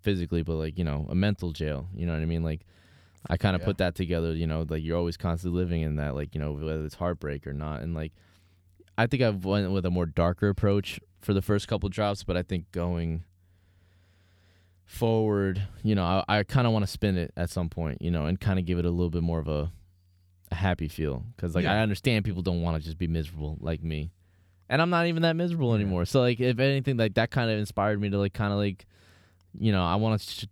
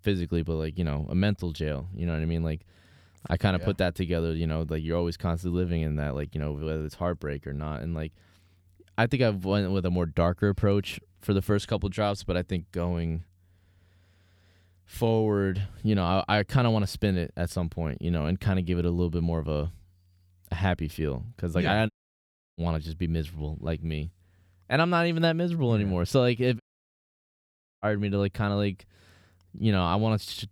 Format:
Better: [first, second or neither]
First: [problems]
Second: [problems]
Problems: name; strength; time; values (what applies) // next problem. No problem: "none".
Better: first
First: none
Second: audio cutting out; at 22 s for 0.5 s and at 27 s for 1 s